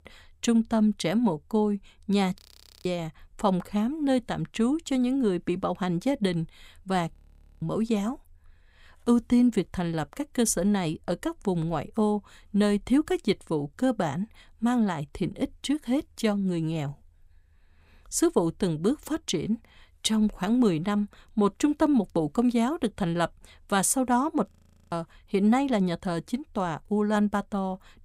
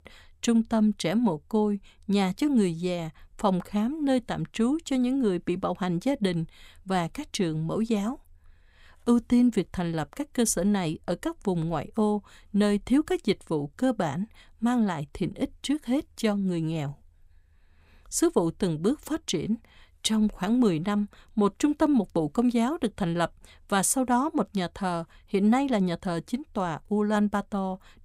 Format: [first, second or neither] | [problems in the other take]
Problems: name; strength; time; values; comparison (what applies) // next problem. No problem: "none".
second | audio freezing; at 2.5 s, at 7 s and at 25 s